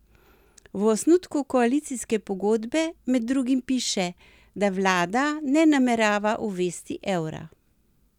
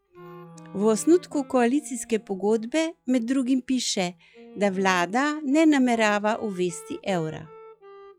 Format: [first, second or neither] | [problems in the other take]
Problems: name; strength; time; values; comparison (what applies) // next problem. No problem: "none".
first | noise reduction (classical method log-MMSE)